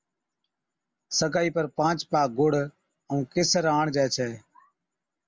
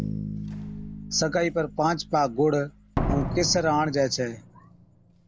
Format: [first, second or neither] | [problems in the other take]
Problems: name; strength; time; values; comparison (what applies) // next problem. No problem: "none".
first | background sound (Bass guitar + Slam); 7 dB below the speech